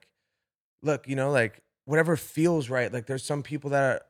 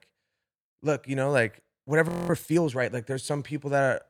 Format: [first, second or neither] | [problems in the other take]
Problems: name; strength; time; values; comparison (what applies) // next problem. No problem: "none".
first | audio freezing; at 2 s